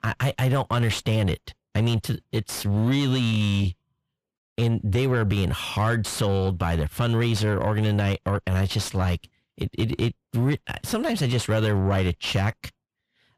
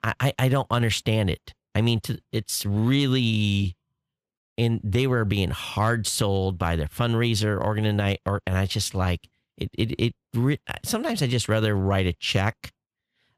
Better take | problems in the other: second | distortion; slight; 10 dB below the speech

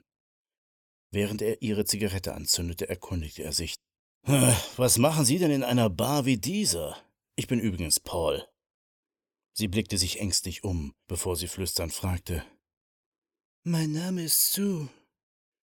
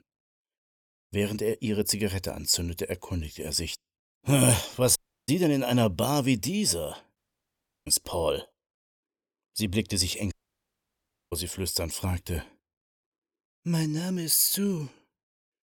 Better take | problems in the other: first | audio cutting out; at 5 s, at 7 s for 0.5 s and at 10 s for 1 s

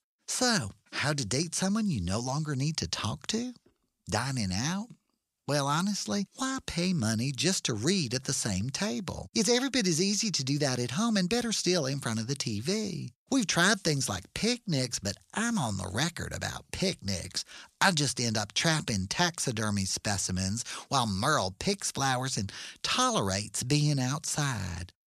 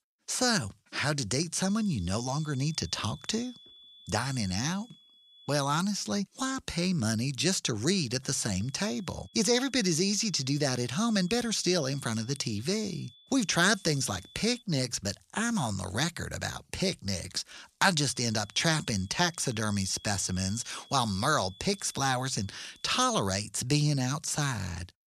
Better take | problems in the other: first | high-pitched whine; faint; from 1.5 to 5.5 s, from 8 to 15 s and from 18 to 23 s; 3.5 kHz, 25 dB below the speech

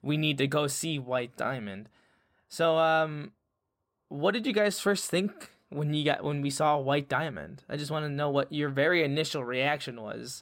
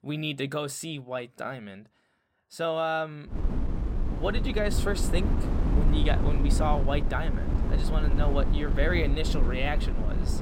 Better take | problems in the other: first | wind noise on the microphone; heavy; from 3.5 s on; 7 dB below the speech

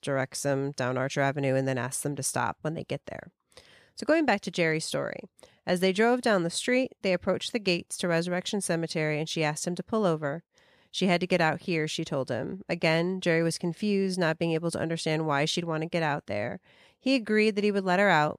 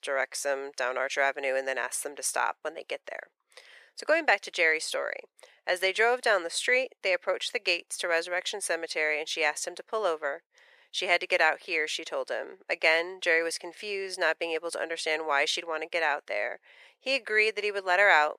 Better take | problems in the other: first | thin; very; fading below 450 Hz

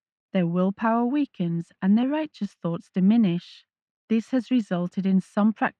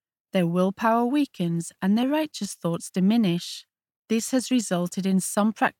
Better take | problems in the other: second | muffled; slightly; fading above 2.5 kHz

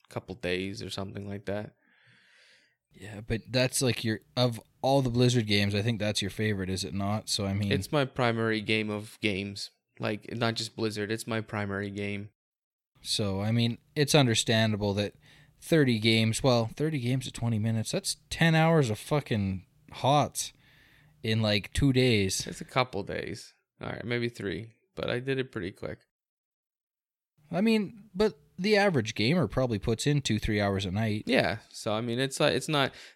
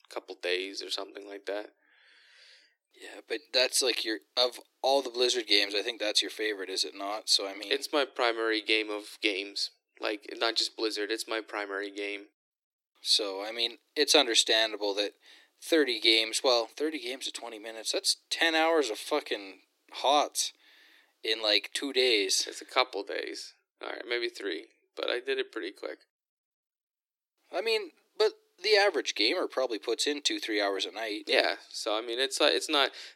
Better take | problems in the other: first | thin; very; fading below 300 Hz

